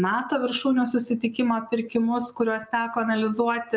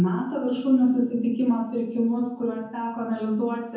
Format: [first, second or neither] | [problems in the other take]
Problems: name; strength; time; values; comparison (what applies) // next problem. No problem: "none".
first | room echo; dies away in 0.7 s